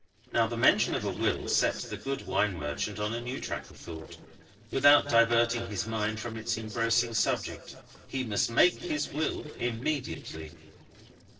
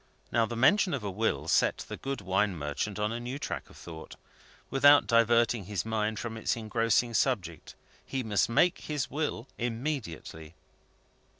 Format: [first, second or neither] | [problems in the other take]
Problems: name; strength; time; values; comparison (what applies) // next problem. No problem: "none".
second | noise reduction (neural separator model SepFormer DNS4)